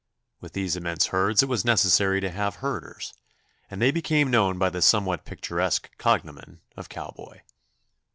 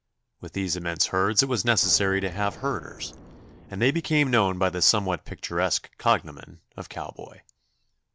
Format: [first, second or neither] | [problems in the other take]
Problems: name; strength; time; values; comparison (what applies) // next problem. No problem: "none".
first | background sound (Explosion); 18 dB below the speech